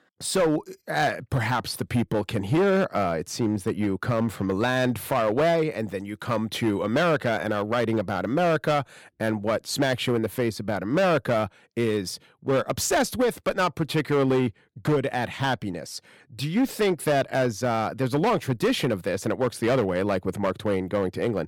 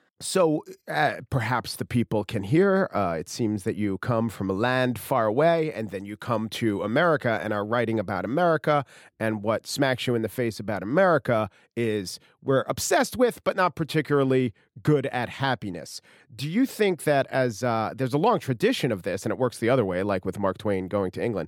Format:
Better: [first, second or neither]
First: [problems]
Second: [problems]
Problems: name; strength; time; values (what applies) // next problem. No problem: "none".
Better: second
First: distortion; slight; 9% of the sound clipped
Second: none